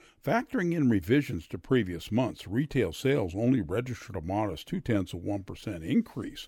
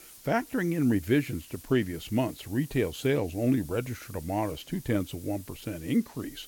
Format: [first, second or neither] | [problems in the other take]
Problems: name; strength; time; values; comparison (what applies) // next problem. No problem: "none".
first | hiss; noticeable; throughout; 20 dB below the speech